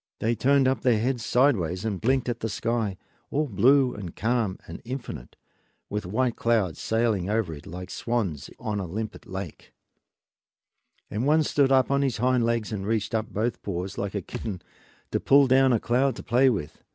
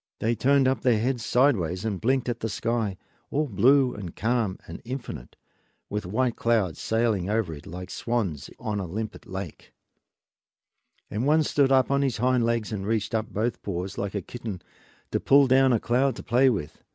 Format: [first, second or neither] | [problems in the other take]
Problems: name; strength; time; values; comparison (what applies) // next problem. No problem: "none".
second | background sound (Thump, thud); 17 dB below the speech